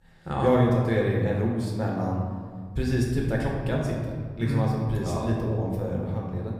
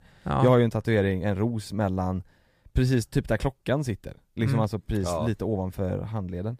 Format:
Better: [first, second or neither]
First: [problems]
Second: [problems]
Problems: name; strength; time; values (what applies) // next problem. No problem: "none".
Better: second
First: room echo; noticeable; dies away in 1.7 s // off-mic speech; somewhat distant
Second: none